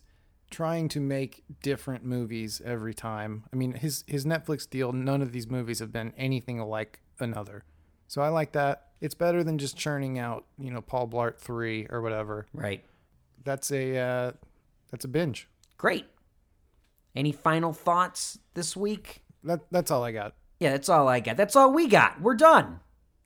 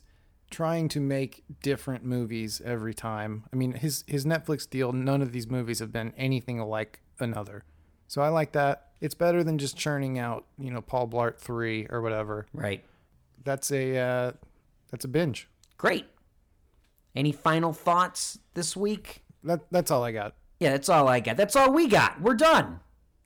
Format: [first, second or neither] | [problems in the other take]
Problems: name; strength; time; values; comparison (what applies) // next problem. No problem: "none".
first | distortion; slight; 1% of the sound clipped